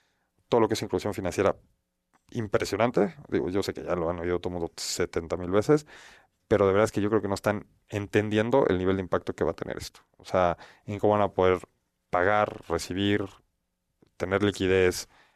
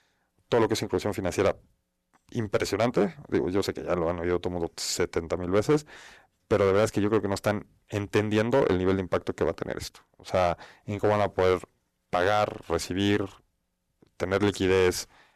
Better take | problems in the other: first | distortion; slight; 3% of the sound clipped

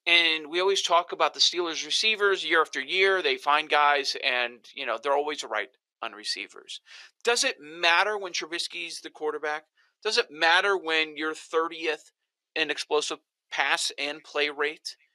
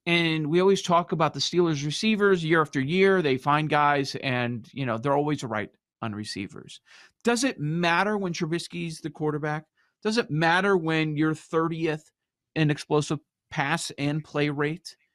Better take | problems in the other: second | thin; very; fading below 450 Hz

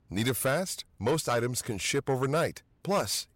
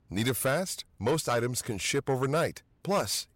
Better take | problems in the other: neither | distortion; slight; 10 dB below the speech; the same in both

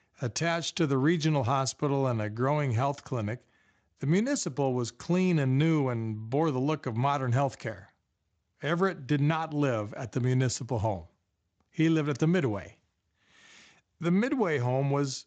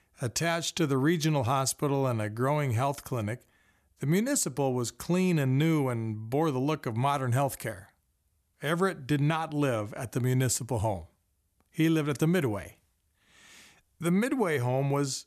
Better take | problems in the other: second | garbled, watery; slightly; nothing above 7.5 kHz

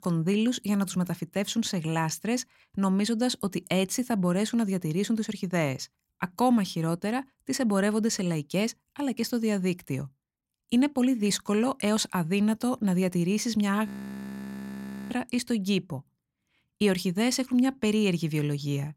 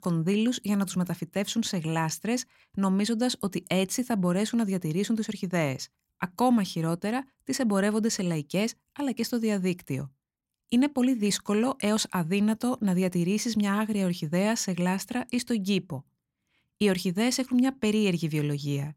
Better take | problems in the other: second | audio freezing; at 14 s for 1 s

